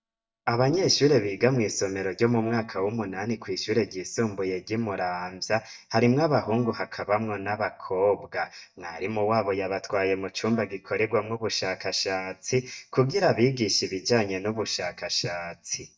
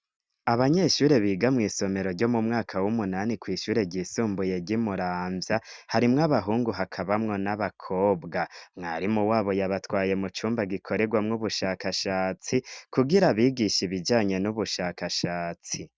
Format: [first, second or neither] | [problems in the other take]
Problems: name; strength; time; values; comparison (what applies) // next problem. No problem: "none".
second | noise reduction (neural mask model DeepFilterNet 3)